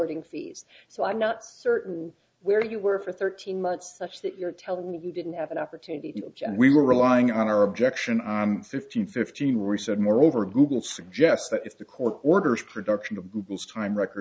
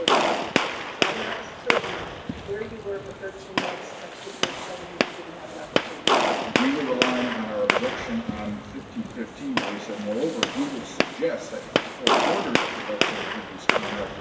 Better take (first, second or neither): first